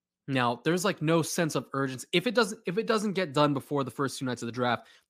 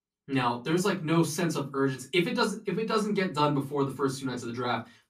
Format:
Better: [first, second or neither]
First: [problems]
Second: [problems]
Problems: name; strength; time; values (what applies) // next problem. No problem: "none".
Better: first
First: none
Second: off-mic speech; far // room echo; very slight; dies away in 0.2 s